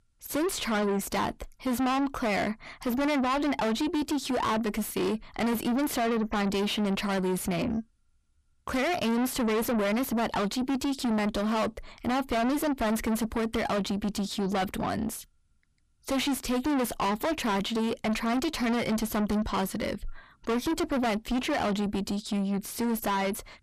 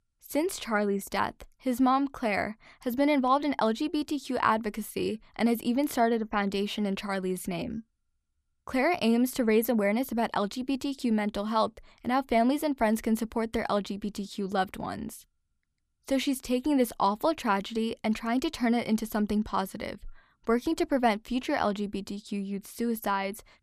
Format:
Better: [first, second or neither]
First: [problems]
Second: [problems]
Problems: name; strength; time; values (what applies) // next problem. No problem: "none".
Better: second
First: distortion; heavy; 5 dB below the speech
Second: none